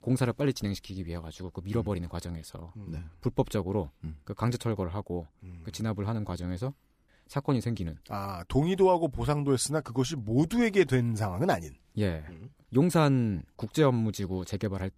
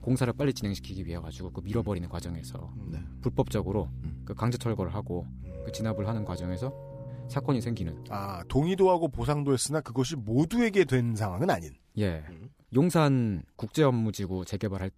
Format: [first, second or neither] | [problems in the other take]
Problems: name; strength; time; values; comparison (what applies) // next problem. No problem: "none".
first | background music; noticeable; until 8.5 s; 15 dB below the speech